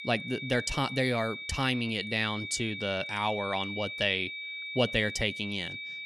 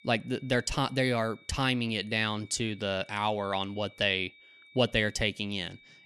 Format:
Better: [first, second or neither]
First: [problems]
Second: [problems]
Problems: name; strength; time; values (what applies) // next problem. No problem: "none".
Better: second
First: high-pitched whine; loud; throughout; 2.5 kHz, 6 dB below the speech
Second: high-pitched whine; faint; throughout; 2.5 kHz, 25 dB below the speech